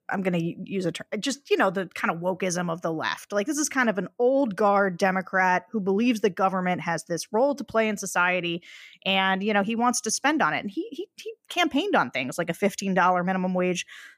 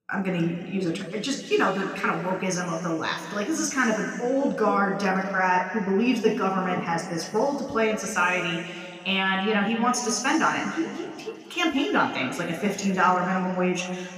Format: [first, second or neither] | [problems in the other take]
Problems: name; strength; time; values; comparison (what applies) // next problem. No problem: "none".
first | room echo; noticeable; dies away in 2.3 s // off-mic speech; somewhat distant